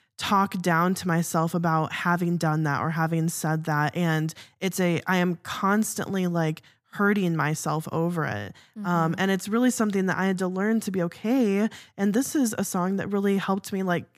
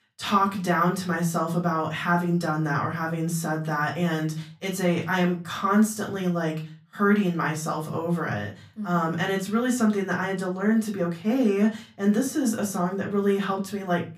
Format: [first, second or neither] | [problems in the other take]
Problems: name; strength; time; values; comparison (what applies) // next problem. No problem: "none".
first | off-mic speech; far // room echo; very slight; dies away in 0.3 s